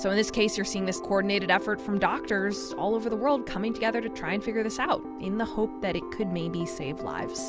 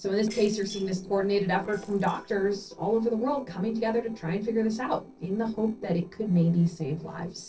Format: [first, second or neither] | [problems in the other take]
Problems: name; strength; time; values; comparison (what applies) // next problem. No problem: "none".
first | noise reduction (neural separator model SepFormer DNS4)